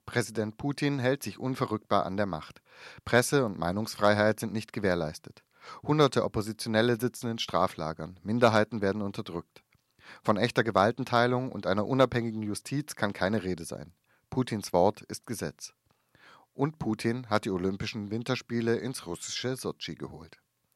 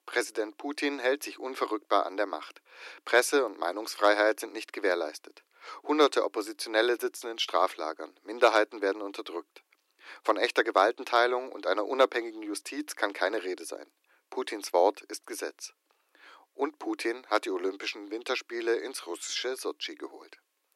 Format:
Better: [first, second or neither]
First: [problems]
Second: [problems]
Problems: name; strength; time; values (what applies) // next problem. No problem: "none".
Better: first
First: none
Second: thin; somewhat; fading below 300 Hz